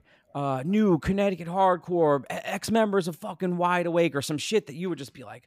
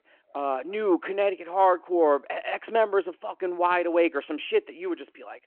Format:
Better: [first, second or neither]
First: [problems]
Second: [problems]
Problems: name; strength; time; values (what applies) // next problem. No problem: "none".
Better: first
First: none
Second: phone-call audio